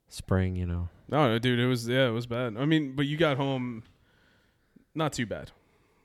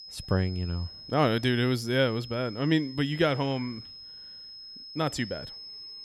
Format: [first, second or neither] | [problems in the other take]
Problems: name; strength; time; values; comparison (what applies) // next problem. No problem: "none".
first | high-pitched whine; noticeable; throughout; 5 kHz, 15 dB below the speech